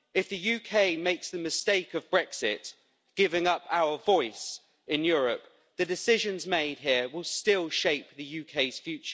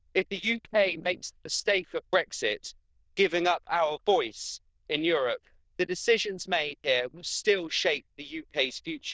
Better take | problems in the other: first | noise reduction (neural diffusion model UNIVERSE++)

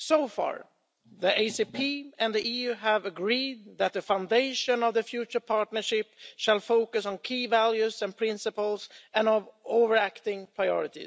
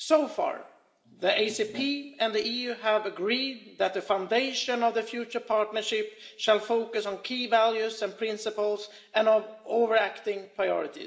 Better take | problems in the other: first | room echo; dies away in 0.8 s

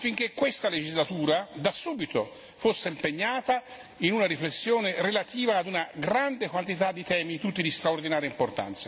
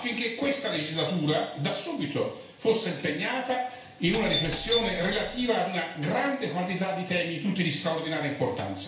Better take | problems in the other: first | background sound (Doorbell); 4 dB below the speech // room echo; dies away in 0.5 s

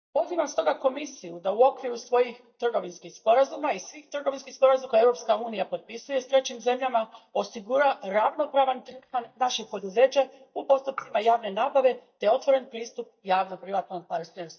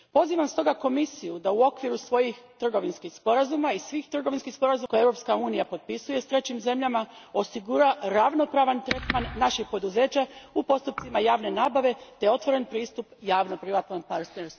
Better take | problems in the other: second | noise reduction (neural mask model DeepFilterNet 3)

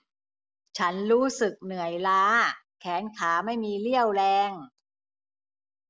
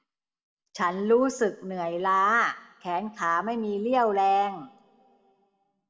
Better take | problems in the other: first | room echo; dies away in 0.9 s

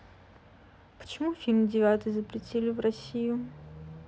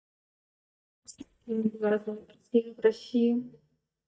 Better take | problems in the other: first | noise reduction (neural mask model DeepFilterNet 3)

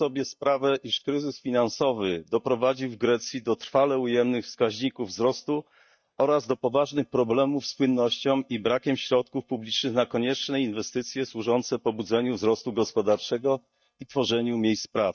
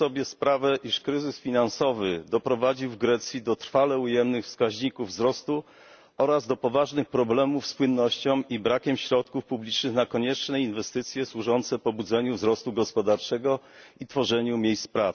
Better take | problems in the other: second | noise reduction (neural mask model DeepFilterNet 3)

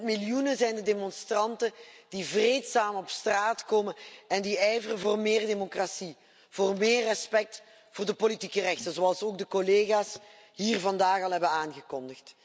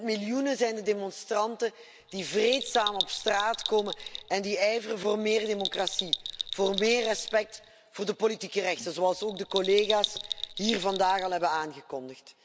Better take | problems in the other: first | background sound (Bell); 7 dB below the speech

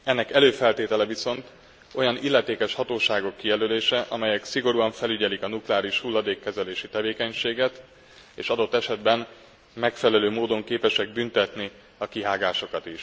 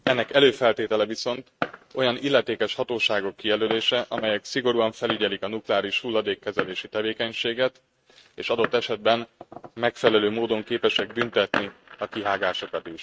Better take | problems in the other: first | noise reduction (neural mask model RNNoise)

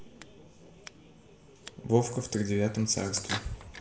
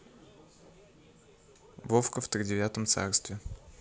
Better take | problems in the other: second | background sound (Scissors); 14 dB below the speech // room echo; dies away in 0.7 s

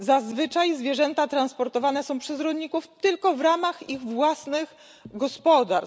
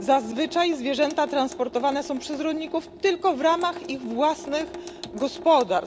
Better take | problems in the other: first | background sound (Sink (filling or washing) / Water tap, faucet); 15 dB below the speech

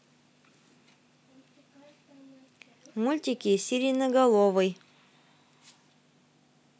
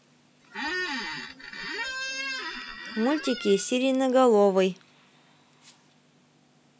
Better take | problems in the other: first | background sound (Squeak); 7 dB below the speech

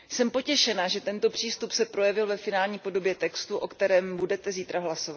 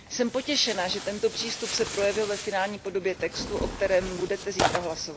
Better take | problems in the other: first | background sound (Tearing); 6 dB below the speech

